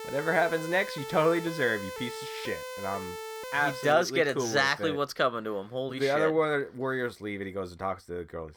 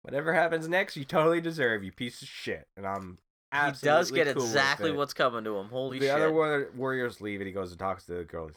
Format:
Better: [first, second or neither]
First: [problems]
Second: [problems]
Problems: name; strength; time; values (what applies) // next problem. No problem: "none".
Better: second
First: siren; noticeable; until 4 s; peak 10 dB below the speech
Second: none